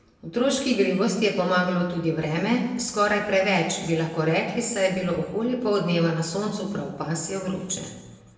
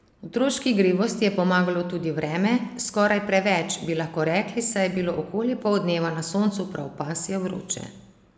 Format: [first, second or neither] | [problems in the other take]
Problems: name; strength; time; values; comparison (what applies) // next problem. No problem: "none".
second | room echo; dies away in 1 s